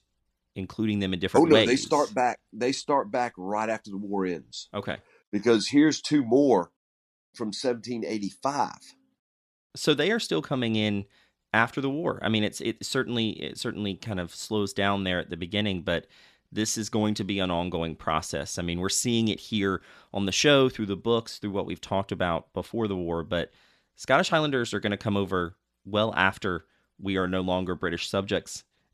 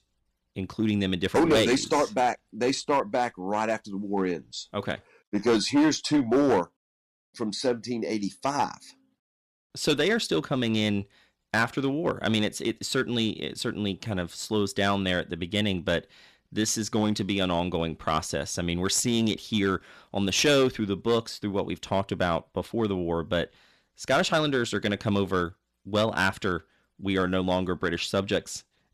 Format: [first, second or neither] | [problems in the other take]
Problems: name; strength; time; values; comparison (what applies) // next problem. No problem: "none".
first | distortion; slight; 4% of the sound clipped